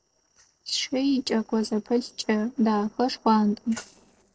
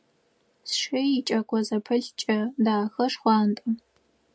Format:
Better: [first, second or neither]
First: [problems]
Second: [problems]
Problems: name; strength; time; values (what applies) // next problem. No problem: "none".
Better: second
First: noise reduction (neural separator model SepFormer DNS4)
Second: none